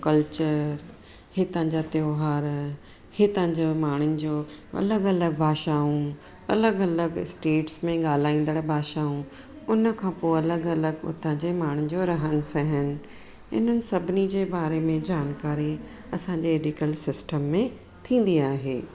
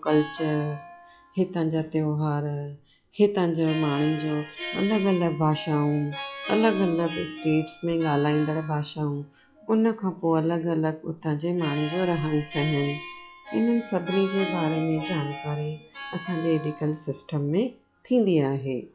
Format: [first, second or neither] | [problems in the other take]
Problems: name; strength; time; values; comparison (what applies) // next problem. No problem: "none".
first | noise reduction (classical method log-MMSE)